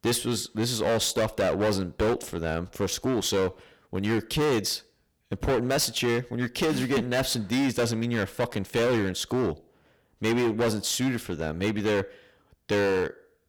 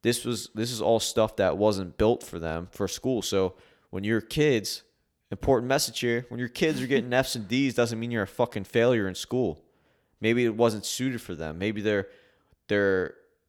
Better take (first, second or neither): second